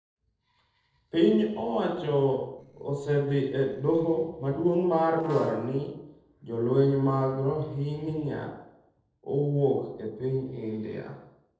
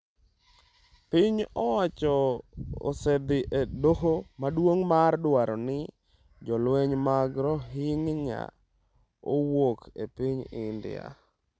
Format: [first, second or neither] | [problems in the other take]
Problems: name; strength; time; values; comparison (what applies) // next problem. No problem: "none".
second | noise reduction (neural separator model SepFormer DNS4)